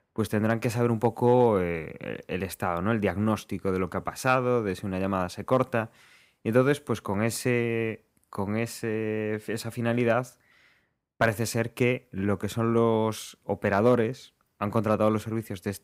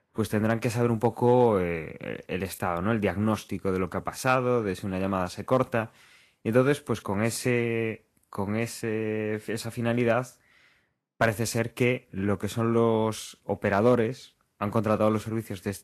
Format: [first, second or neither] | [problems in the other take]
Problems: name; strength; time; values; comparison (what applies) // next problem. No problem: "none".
first | garbled, watery; slightly; nothing above 13 kHz